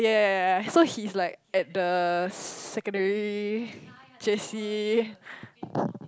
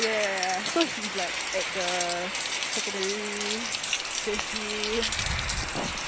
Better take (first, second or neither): first